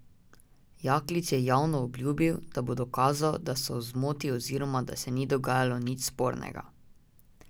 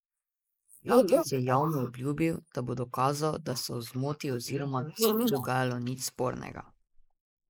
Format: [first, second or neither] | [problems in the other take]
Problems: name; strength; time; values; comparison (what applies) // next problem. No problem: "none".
first | noise reduction (neural mask model Resemble Enhance denoiser)